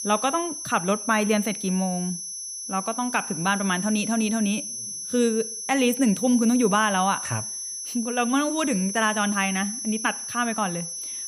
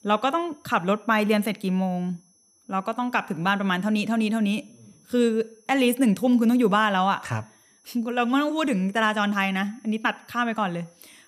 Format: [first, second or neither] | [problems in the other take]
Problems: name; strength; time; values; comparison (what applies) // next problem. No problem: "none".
second | high-pitched whine; loud; throughout; 6 kHz, 6 dB below the speech; faint in the second